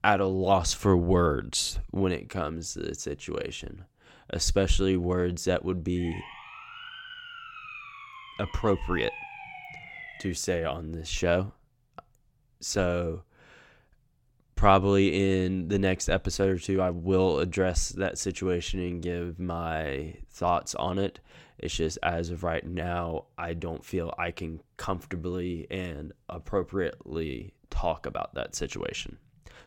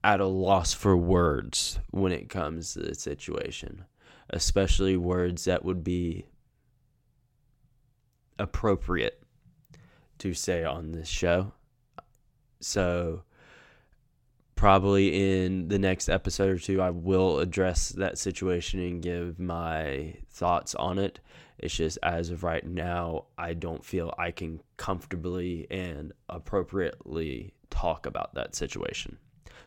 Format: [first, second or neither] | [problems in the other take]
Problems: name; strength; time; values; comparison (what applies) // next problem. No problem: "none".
second | siren; faint; from 6 to 10 s; peak 10 dB below the speech